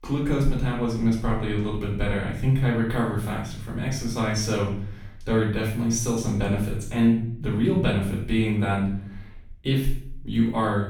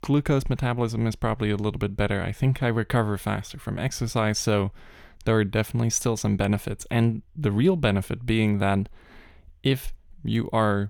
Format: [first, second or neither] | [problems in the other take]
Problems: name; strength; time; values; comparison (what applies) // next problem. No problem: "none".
second | room echo; noticeable; dies away in 0.6 s // off-mic speech; far